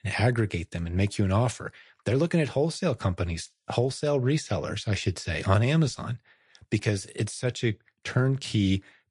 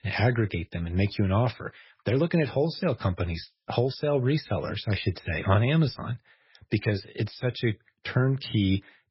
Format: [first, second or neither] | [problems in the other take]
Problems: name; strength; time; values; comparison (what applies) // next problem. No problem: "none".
first | garbled, watery; badly; nothing above 5.5 kHz; slightly in the first